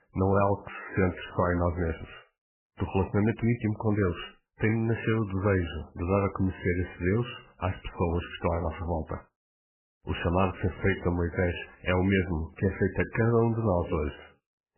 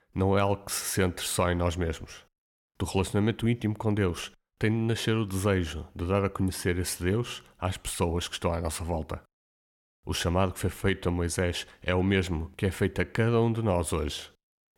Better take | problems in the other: second | garbled, watery; badly; nothing above 3 kHz

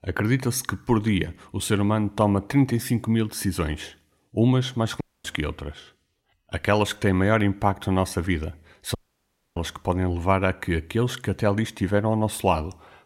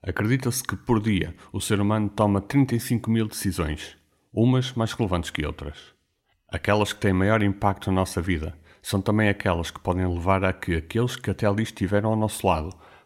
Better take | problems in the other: second | audio cutting out; at 5 s and at 9 s for 0.5 s

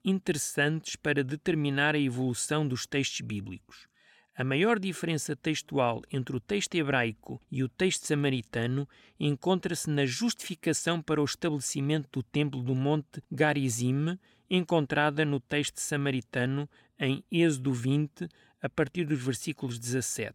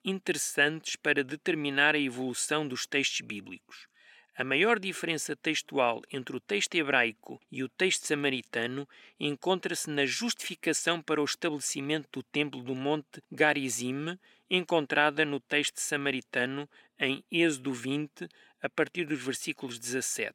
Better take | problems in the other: first | thin; somewhat; fading below 300 Hz

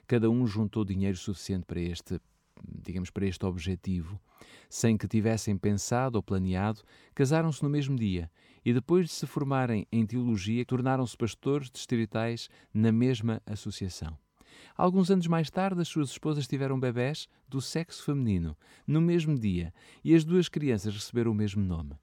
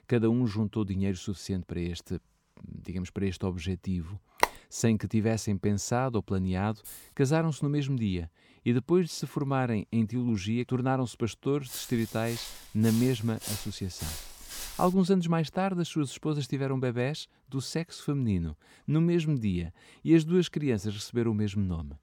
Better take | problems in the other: first | phone ringing; very faint; at 4.5 s; peak level with the speech // jangling keys; faint; at 7 s; peak 15 dB below the speech // footsteps; noticeable; from 12 to 15 s; peak 7 dB below the speech

